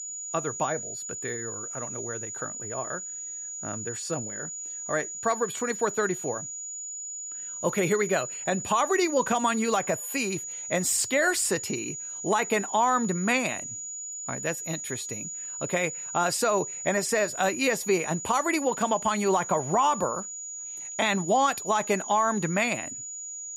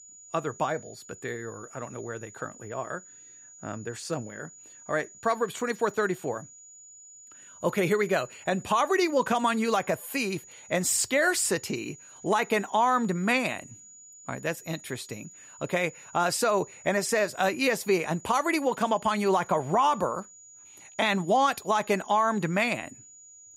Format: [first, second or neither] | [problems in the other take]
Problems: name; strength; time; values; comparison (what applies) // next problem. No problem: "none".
second | high-pitched whine; loud; throughout; 7 kHz, 7 dB below the speech; faint in the second